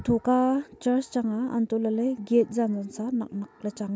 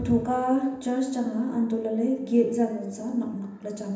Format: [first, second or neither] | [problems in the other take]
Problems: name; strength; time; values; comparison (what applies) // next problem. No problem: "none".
first | room echo; dies away in 0.9 s